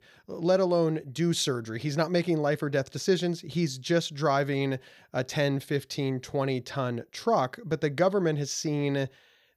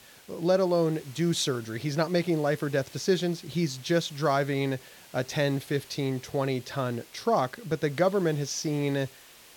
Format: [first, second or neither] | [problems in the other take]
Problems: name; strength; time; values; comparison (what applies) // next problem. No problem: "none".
first | hiss; faint; throughout; 20 dB below the speech